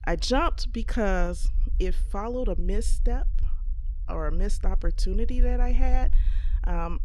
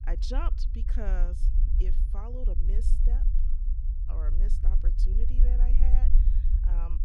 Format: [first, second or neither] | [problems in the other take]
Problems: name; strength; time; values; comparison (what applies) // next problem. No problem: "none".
first | low rumble; loud; throughout; 6 dB below the speech; faint in the first